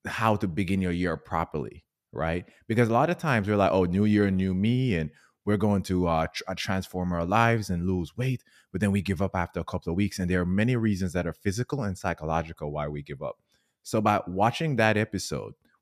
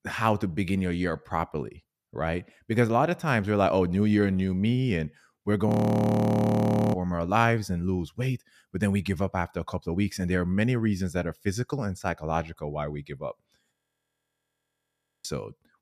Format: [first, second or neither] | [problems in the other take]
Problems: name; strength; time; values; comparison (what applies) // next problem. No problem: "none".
first | audio freezing; at 5.5 s for 1.5 s and at 14 s for 1.5 s